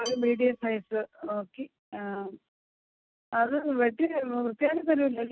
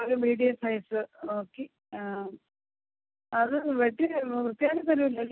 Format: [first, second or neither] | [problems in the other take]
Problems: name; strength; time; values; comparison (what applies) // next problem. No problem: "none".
second | noise reduction (neural mask model RNNoise)